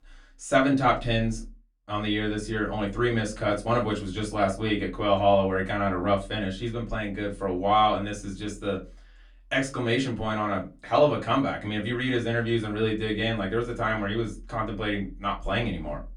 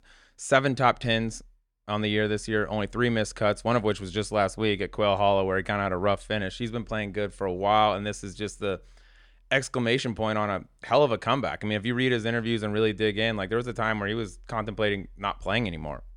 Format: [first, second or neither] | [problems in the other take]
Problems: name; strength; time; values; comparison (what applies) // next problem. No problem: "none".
second | off-mic speech; far // room echo; very slight; dies away in 0.2 s